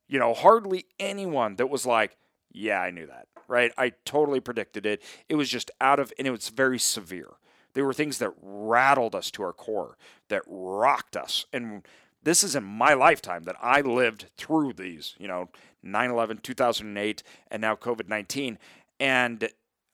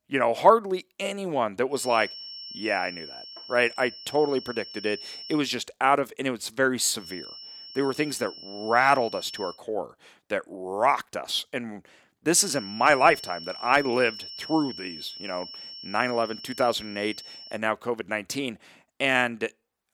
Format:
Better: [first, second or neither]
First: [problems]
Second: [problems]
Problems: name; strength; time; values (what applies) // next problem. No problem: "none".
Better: first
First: none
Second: high-pitched whine; noticeable; from 2 to 5.5 s, from 7 to 9.5 s and from 12 to 18 s; 5.5 kHz, 15 dB below the speech